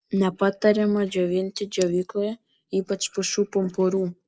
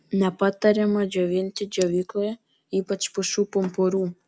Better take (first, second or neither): second